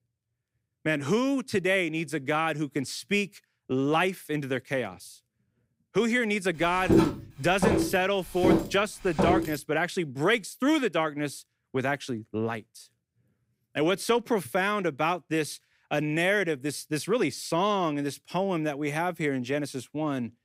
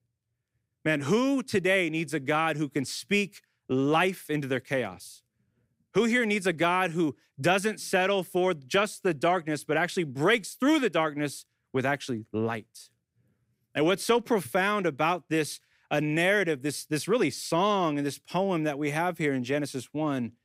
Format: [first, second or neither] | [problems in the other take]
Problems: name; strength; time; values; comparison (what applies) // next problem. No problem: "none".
second | footsteps; loud; from 7 to 9.5 s; peak 5 dB above the speech